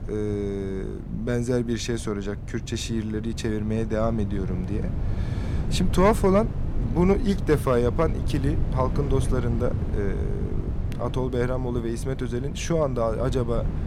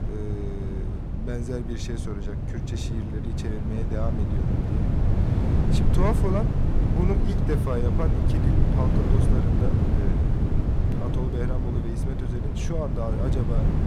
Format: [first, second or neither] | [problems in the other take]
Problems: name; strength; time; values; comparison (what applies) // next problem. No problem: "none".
first | wind noise on the microphone; heavy; as loud as the speech; occasional gusts in the first